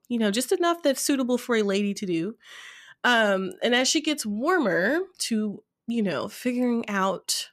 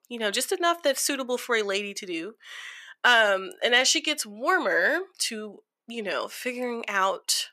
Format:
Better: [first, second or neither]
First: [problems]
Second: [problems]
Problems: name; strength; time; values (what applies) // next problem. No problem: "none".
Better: first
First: none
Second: thin; somewhat; fading below 500 Hz